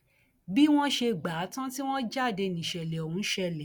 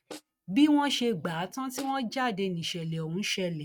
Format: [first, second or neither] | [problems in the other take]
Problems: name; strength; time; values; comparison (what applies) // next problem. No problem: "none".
first | noise reduction (neural mask model RNNoise)